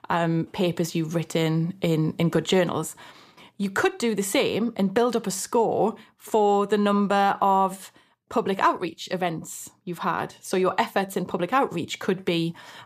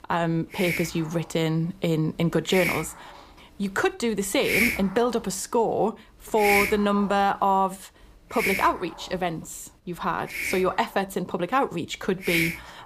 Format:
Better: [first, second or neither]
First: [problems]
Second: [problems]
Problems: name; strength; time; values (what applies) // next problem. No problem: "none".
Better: first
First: none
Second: hiss; loud; throughout; 2 dB below the speech